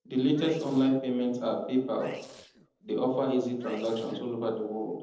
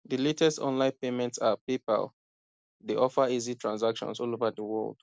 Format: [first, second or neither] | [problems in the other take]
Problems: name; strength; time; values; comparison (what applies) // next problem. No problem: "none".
second | noise reduction (neural separator model SepFormer DNS4)